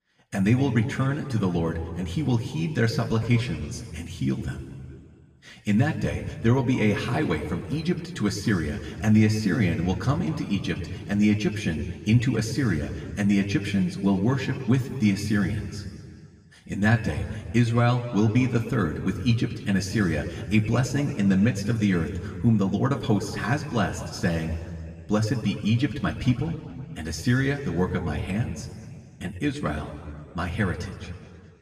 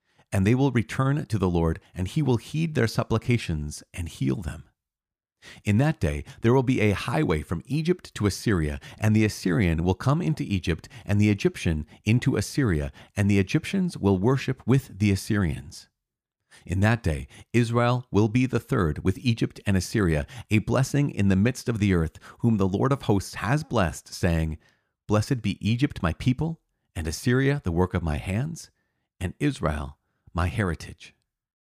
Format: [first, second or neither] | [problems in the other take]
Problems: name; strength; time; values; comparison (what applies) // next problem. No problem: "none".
second | room echo; slight; dies away in 1.8 s // off-mic speech; somewhat distant